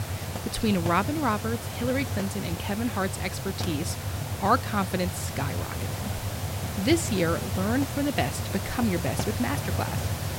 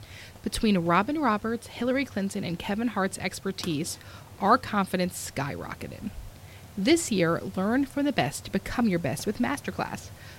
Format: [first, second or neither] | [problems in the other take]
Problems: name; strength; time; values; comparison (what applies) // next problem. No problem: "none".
second | hiss; loud; throughout; 3 dB below the speech; faint in the second